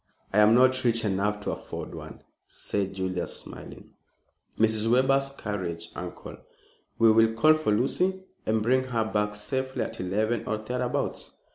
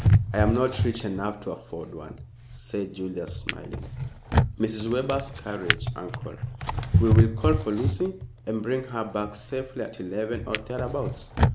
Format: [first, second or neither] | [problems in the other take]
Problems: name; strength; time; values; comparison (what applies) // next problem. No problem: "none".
first | background sound (Drawer open or close); 2 dB above the speech